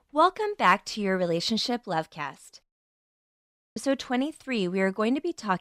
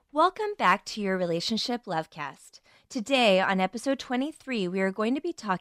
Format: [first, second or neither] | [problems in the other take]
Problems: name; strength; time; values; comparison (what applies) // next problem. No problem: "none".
second | audio cutting out; at 2.5 s for 1 s